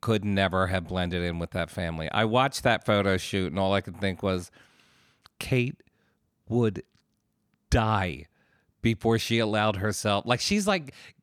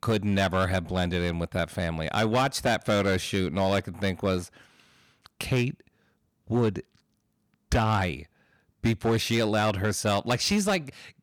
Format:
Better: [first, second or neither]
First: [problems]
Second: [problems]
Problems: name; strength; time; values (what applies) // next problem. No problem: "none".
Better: first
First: none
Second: distortion; slight; 6% of the sound clipped